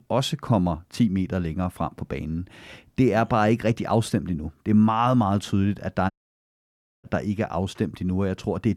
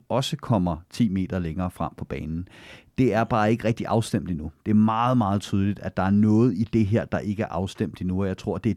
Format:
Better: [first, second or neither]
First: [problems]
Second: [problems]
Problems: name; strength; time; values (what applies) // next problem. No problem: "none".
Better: second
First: audio cutting out; at 6 s for 1 s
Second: none